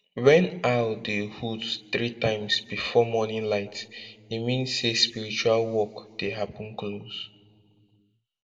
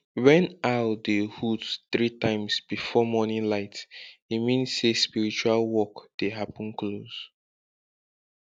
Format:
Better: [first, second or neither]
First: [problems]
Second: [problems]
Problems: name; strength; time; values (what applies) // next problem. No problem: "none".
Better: second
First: room echo; dies away in 0.7 s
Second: none